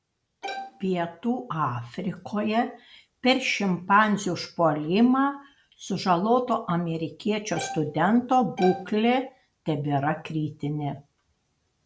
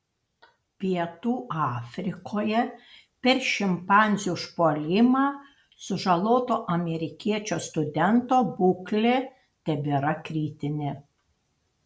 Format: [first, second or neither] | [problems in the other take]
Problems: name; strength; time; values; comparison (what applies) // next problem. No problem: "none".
second | background sound (Bowed string instrument); 13 dB below the speech